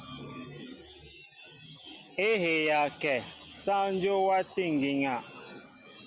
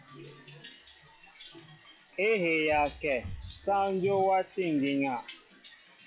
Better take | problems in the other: first | noise reduction (classical method log-MMSE)

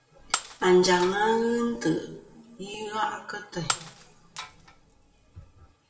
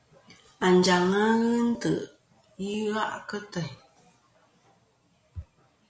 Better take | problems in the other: second | background sound (Shatter); 10 dB below the speech // room echo; dies away in 1.8 s

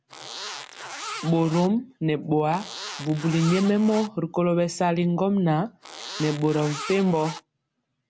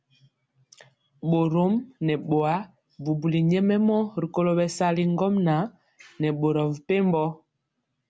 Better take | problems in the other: second | background sound (Zipper (clothing)); 12 dB below the speech

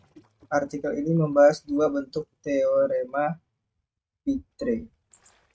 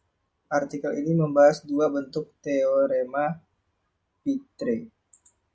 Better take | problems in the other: second | noise reduction (neural mask model RNNoise)

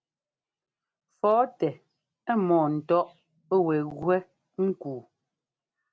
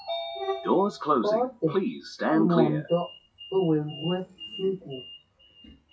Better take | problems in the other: first | noise reduction (classical method WPE with log-MMSE)

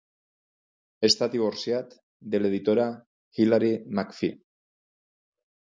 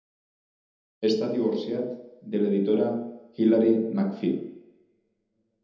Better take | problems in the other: first | room echo; dies away in 0.9 s

